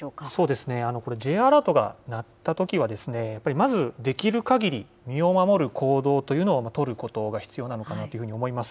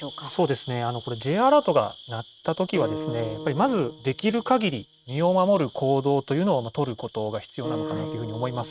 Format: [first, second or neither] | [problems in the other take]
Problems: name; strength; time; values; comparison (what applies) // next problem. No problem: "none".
first | noise reduction (neural mask model RNNoise)